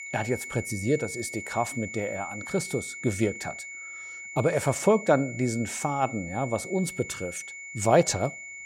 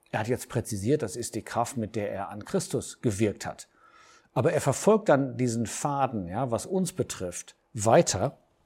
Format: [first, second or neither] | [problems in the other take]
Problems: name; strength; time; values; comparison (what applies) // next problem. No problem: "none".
second | high-pitched whine; loud; throughout; 2 kHz, 10 dB below the speech